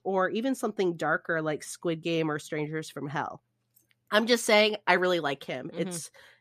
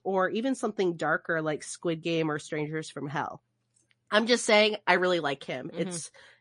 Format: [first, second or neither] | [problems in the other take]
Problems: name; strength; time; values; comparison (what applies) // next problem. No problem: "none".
first | garbled, watery; slightly; nothing above 10.5 kHz